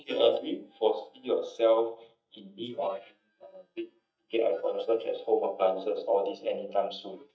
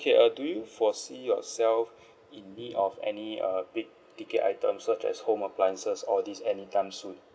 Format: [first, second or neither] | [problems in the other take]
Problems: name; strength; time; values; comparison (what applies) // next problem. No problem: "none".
second | noise reduction (neural mask model DeepFilterNet 3)